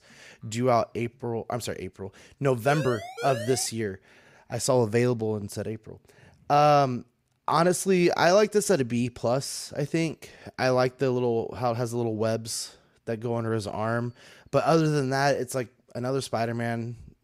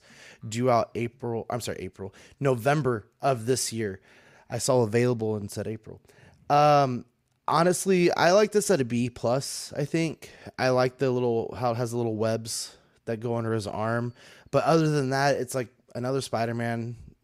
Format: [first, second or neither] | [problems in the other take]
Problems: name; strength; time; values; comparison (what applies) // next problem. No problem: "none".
second | siren; noticeable; at 2.5 s; peak 8 dB below the speech